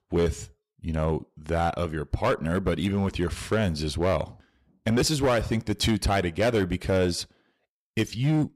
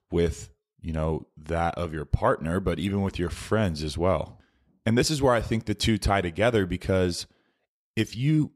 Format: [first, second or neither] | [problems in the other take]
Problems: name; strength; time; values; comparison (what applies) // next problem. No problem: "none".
second | distortion; slight; 7% of the sound clipped